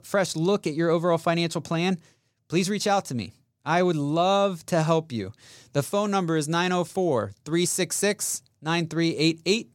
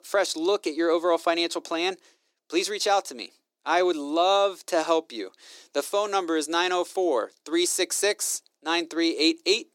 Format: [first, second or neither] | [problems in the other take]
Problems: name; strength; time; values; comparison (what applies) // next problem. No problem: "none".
first | thin; very; fading below 300 Hz